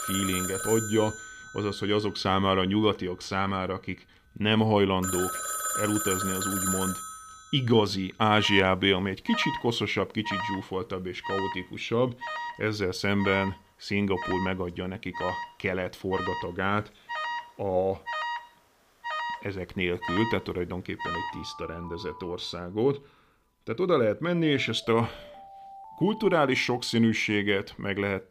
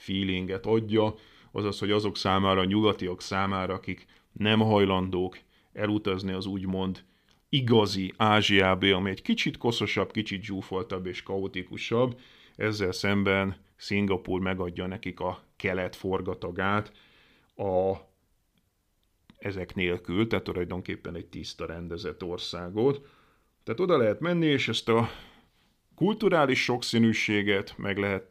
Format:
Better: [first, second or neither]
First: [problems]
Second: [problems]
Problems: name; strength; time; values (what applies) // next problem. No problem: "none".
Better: second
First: alarms or sirens; loud; throughout; 6 dB below the speech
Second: none